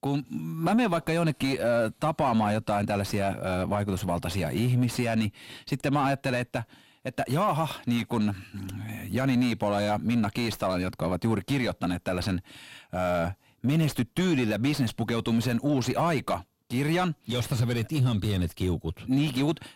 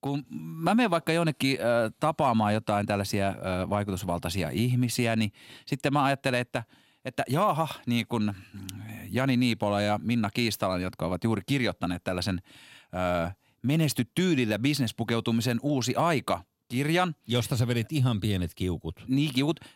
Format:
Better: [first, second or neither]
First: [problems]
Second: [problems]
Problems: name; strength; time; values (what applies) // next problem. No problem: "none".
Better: second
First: distortion; slight; 10 dB below the speech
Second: none